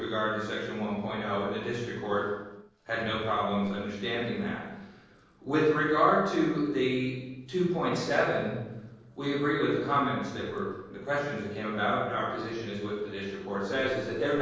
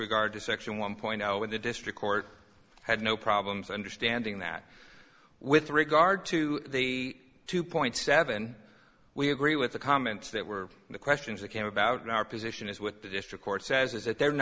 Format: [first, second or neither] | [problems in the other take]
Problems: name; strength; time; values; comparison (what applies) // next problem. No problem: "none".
second | noise reduction (neural separator model SepFormer DNS4)